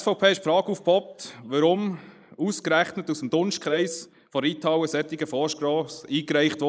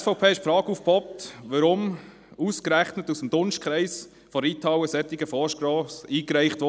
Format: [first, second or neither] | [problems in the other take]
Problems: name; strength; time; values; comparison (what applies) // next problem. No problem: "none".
second | noise reduction (neural mask model Resemble Enhance denoiser)